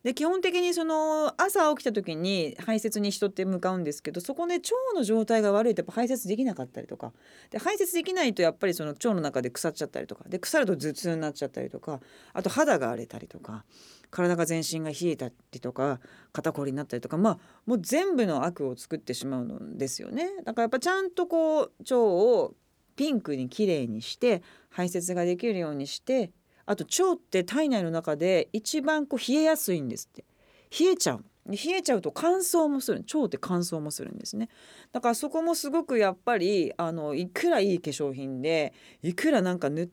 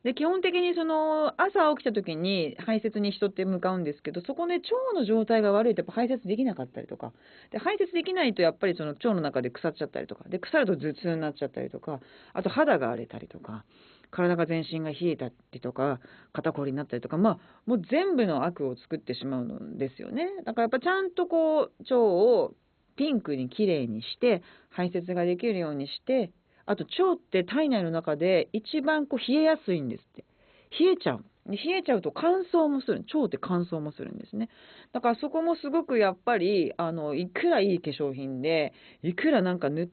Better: first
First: none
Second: garbled, watery; badly; nothing above 4 kHz

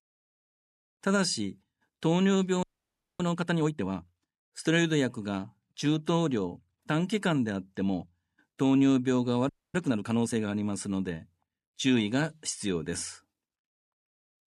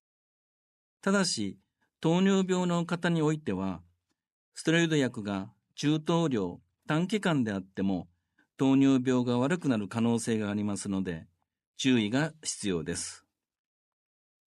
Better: second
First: audio freezing; at 2.5 s for 0.5 s and at 9.5 s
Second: none

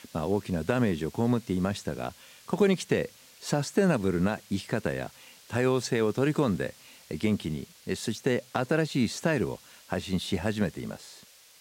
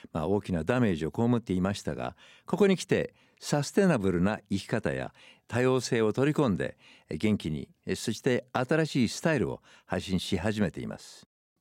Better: second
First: hiss; faint; throughout; 25 dB below the speech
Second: none

